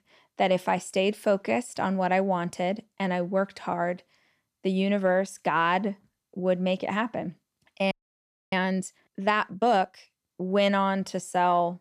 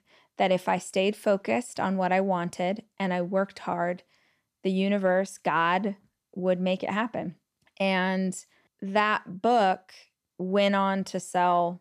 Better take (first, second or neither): second